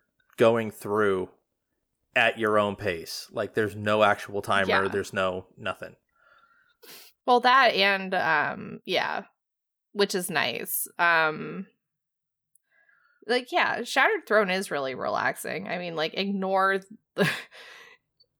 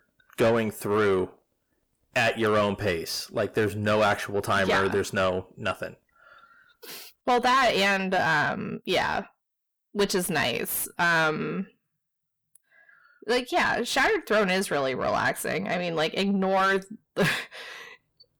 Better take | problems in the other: first | distortion; heavy; 7 dB below the speech

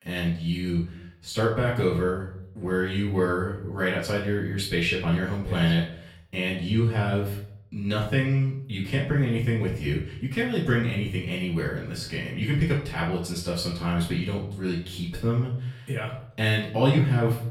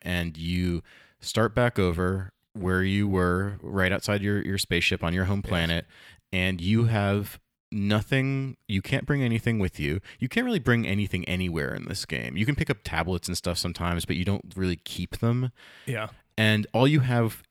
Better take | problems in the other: second | room echo; noticeable; dies away in 0.5 s // off-mic speech; far

